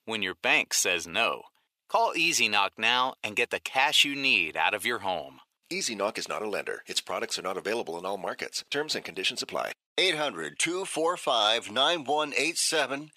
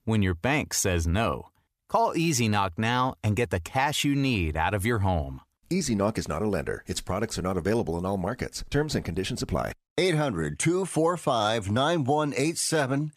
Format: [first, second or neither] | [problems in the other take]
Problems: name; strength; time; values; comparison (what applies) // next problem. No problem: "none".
second | thin; somewhat; fading below 450 Hz